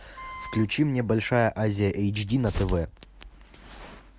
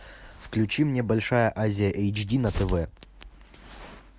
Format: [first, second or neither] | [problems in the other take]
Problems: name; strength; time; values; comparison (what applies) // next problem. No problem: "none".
second | background sound (Wind instrument, woodwind instrument); 14 dB below the speech